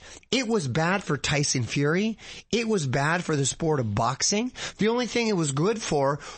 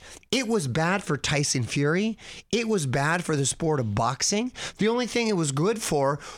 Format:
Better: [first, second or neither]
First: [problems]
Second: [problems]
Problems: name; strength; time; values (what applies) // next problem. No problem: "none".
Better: second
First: garbled, watery; slightly; nothing above 8 kHz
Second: none